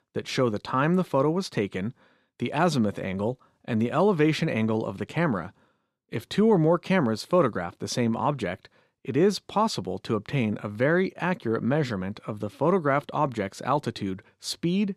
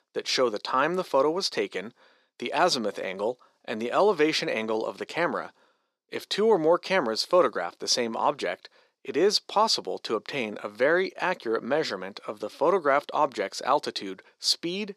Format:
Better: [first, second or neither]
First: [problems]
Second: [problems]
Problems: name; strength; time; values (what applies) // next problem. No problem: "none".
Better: first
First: none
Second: thin; somewhat; fading below 450 Hz